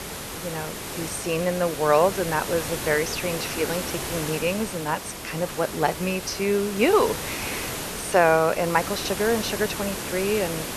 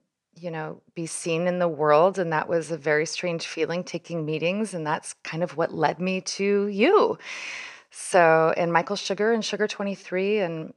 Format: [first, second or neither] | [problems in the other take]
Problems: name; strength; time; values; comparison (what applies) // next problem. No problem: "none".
second | hiss; loud; throughout; 6 dB below the speech